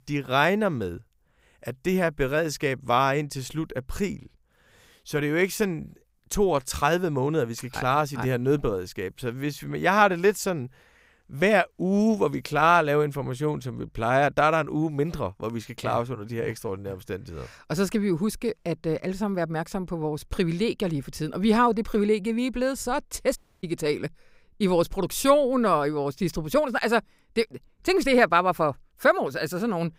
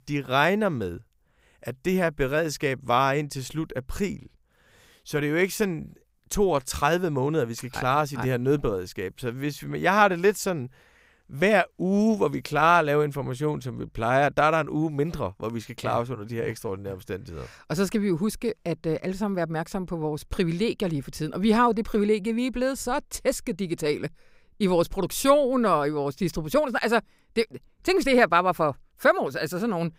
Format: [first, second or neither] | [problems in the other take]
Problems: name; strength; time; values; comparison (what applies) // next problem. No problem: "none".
second | audio cutting out; at 23 s